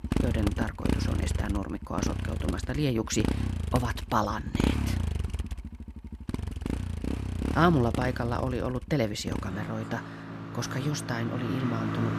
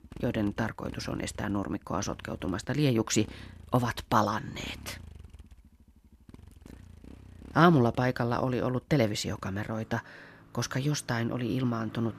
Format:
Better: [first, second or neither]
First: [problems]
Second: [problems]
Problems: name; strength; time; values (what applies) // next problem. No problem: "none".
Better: second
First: traffic noise; loud; throughout; 2 dB below the speech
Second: traffic noise; faint; throughout; 20 dB below the speech